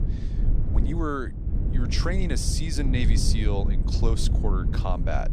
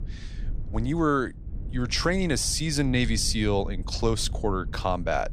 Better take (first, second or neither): second